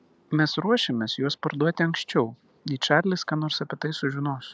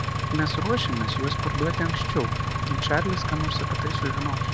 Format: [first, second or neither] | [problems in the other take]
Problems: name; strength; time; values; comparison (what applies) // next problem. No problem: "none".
first | background sound (Engine); 3 dB above the speech